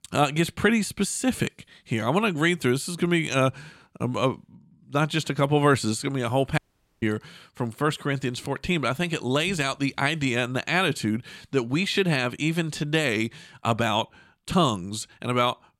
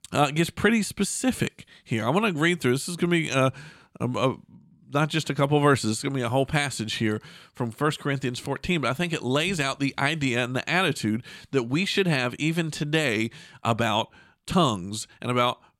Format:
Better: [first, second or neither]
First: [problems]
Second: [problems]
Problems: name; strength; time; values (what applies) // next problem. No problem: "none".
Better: second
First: audio cutting out; at 6.5 s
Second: none